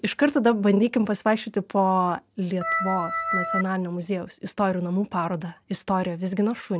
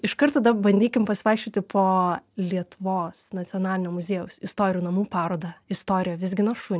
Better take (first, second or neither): second